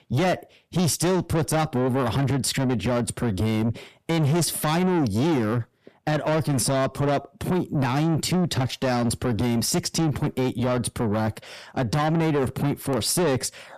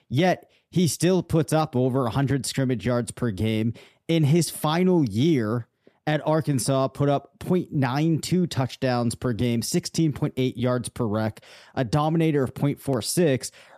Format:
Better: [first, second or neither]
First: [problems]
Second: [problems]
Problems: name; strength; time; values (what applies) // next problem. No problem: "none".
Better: second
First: distortion; heavy; 7 dB below the speech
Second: none